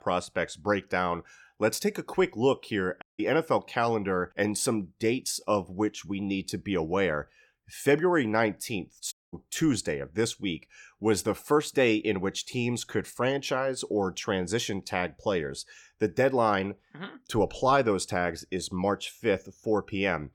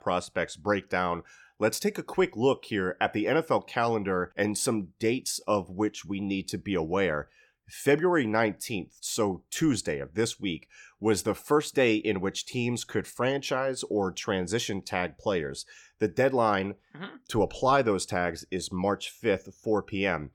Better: second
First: audio cutting out; at 3 s and at 9 s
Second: none

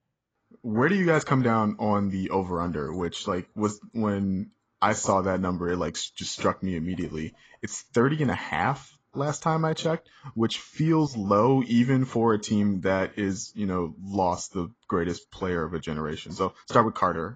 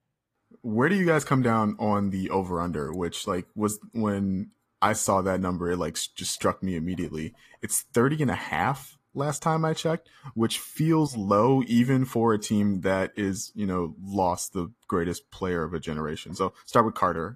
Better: second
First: garbled, watery; badly; nothing above 7.5 kHz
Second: garbled, watery; slightly; nothing above 14.5 kHz

